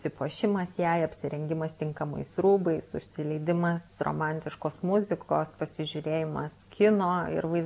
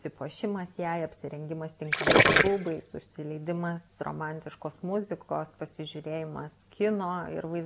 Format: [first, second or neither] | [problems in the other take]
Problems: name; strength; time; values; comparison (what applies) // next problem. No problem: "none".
first | background sound (Gurgling); 4 dB above the speech